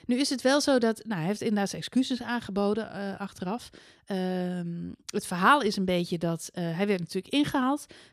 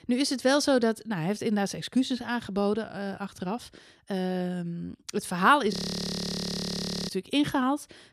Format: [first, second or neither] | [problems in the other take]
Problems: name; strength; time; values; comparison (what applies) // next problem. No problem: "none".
first | audio freezing; at 5.5 s for 1.5 s